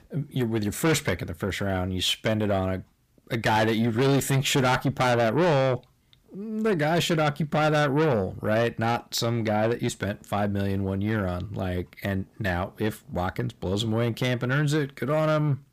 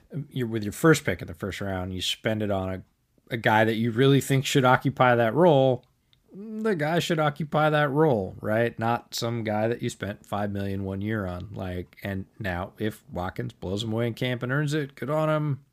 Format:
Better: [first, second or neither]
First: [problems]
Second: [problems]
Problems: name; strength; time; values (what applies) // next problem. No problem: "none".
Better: second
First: distortion; heavy; 7 dB below the speech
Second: none